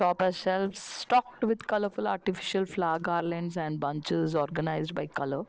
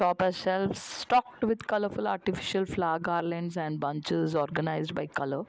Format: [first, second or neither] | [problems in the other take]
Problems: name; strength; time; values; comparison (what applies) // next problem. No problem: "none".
second | noise reduction (neural separator model SepFormer DNS4)